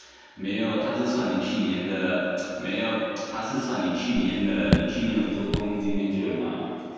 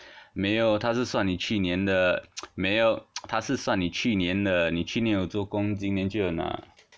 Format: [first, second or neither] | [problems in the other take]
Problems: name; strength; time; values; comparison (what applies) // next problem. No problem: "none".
second | background sound (Raindrop / Drip); 3 dB below the speech // room echo; dies away in 2.1 s